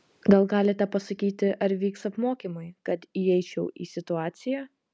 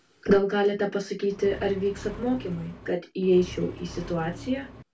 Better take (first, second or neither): first